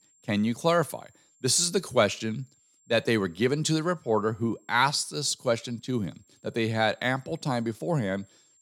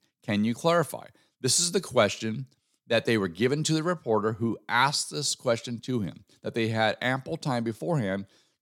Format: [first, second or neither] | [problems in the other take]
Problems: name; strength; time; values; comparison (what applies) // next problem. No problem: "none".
second | high-pitched whine; faint; throughout; 7.5 kHz, 35 dB below the speech